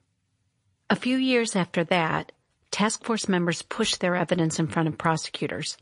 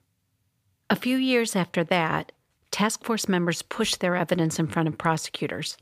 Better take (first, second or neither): second